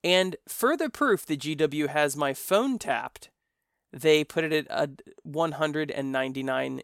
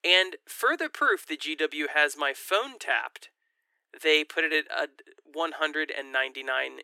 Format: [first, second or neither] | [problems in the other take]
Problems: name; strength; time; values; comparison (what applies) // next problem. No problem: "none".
first | thin; very; fading below 300 Hz